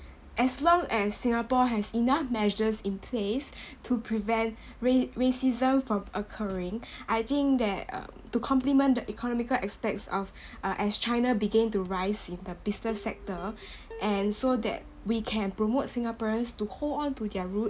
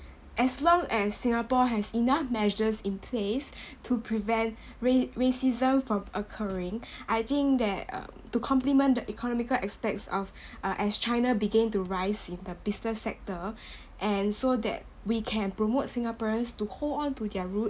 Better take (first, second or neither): second